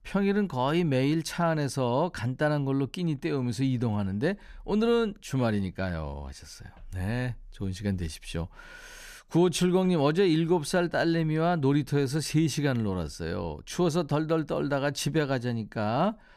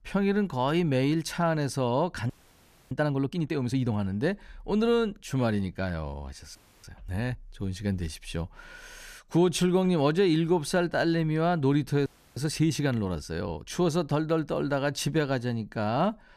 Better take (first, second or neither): first